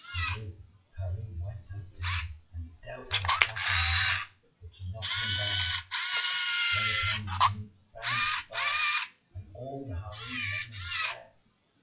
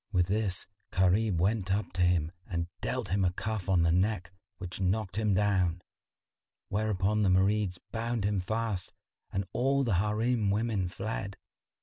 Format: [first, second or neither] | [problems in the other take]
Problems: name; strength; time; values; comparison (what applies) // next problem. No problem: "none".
second | noise reduction (classical method WPE with log-MMSE)